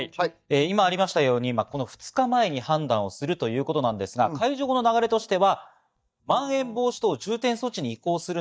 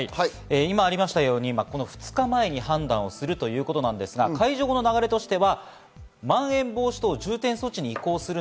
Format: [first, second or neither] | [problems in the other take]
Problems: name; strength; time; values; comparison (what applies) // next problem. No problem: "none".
second | noise reduction (neural mask model DeepFilterNet 3)